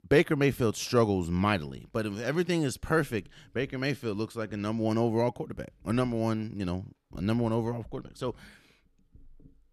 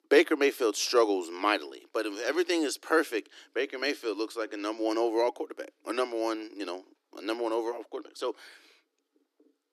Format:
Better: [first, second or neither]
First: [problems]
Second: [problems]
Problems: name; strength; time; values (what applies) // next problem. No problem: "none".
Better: first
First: none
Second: thin; very; fading below 300 Hz